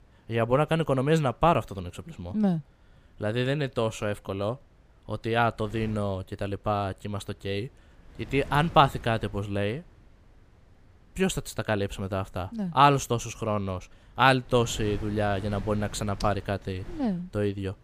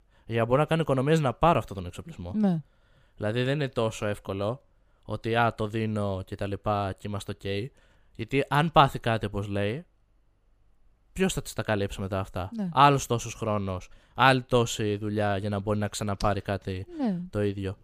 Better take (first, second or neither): second